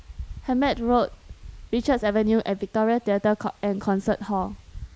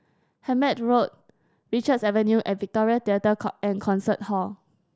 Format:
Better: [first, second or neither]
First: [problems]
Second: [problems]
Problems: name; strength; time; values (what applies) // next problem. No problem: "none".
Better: second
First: background sound (Wind); 17 dB below the speech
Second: none